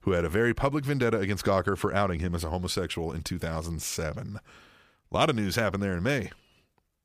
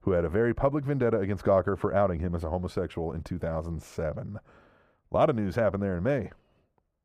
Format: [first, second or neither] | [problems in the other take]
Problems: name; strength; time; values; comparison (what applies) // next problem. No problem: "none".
first | muffled; very; fading above 2 kHz